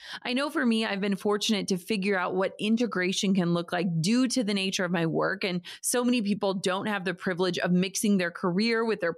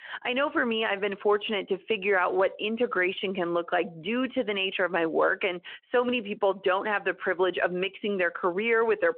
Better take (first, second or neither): first